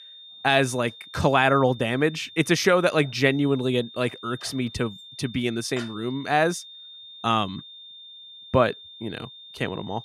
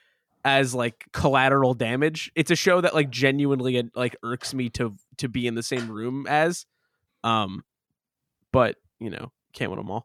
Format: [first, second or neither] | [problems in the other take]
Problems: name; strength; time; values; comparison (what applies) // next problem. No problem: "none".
second | high-pitched whine; noticeable; throughout; 3.5 kHz, 20 dB below the speech